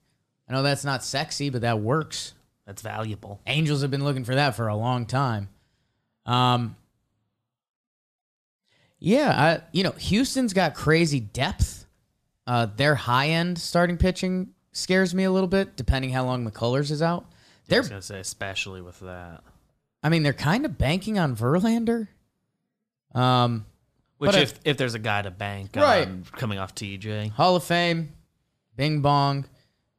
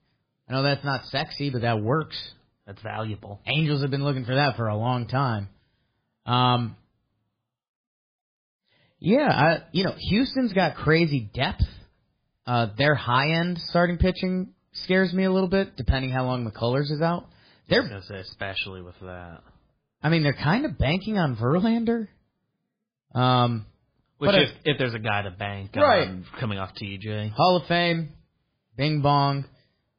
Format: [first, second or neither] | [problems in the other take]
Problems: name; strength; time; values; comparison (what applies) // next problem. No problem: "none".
first | garbled, watery; badly